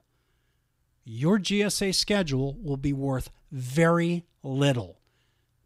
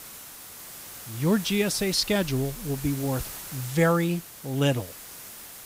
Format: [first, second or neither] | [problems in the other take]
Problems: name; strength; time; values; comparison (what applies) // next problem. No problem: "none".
first | hiss; noticeable; throughout; 10 dB below the speech